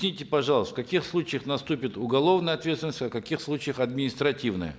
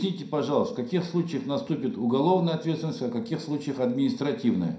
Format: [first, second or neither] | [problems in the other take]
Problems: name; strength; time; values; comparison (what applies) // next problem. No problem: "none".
first | room echo; dies away in 0.5 s